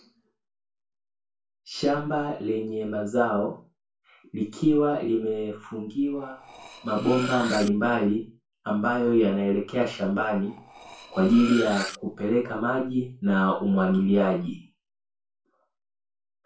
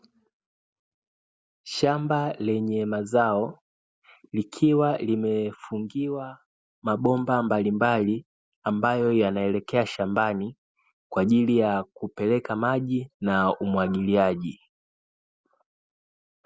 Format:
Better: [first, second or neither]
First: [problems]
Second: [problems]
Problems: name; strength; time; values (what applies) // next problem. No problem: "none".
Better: second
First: background sound (Cutlery, silverware); 12 dB below the speech // room echo; dies away in 0.3 s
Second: none